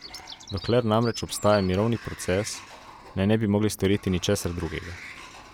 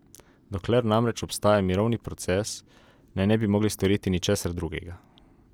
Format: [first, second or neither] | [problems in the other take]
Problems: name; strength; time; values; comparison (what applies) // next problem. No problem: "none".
second | background sound (Sliding door + Bird vocalization, bird call, bird song); 18 dB below the speech